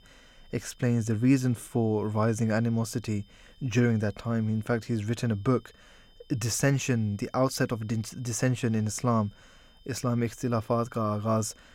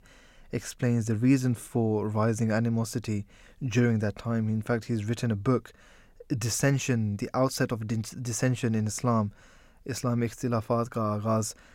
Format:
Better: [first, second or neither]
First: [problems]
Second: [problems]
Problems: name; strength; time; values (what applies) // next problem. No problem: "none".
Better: second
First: high-pitched whine; faint; throughout; 3 kHz, 30 dB below the speech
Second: none